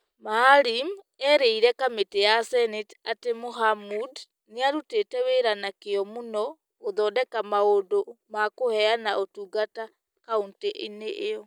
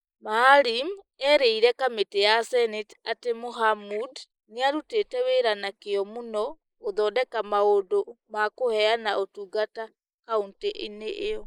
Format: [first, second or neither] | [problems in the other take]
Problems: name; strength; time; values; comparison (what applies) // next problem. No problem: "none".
first | noise reduction (neural mask model Resemble Enhance denoiser)